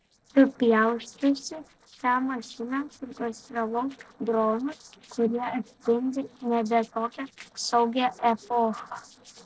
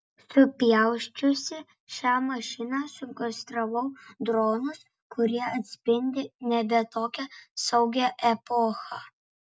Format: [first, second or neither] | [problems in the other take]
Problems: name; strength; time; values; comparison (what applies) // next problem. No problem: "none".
second | noise reduction (neural separator model SepFormer DNS4)